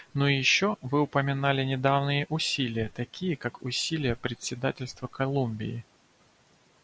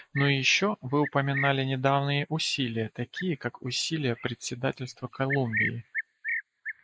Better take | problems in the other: first | noise reduction (neural mask model Resemble Enhance denoiser)

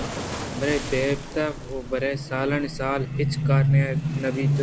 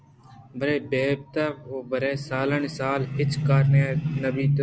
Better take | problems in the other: second | background sound (Waves, surf); 12 dB below the speech

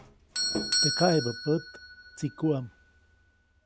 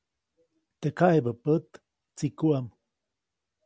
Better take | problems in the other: second | background sound (Doorbell); 2 dB below the speech

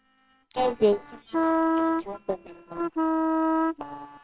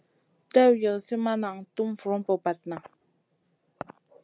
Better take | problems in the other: second | noise reduction (neural separator model SepFormer WHAMR!)

